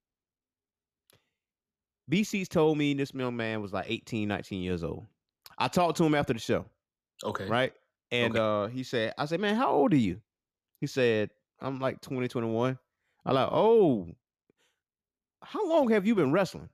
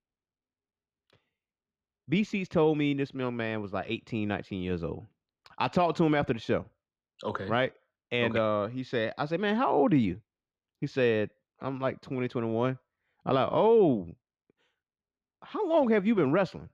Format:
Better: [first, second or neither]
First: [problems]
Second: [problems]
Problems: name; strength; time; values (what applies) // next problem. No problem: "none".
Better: first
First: none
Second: muffled; very slightly; fading above 3.5 kHz